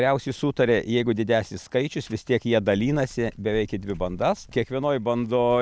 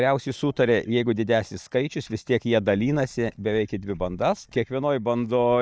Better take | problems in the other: first | noise reduction (neural mask model DeepFilterNet 3)

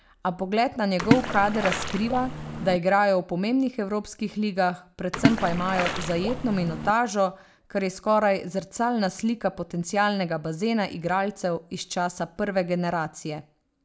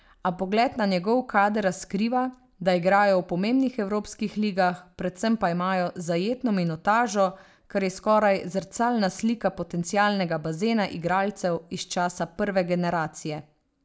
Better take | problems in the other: second | background sound (Splash, splatter); 2 dB below the speech

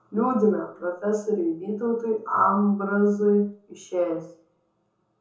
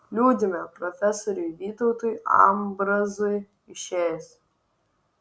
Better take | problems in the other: second | room echo; dies away in 0.6 s

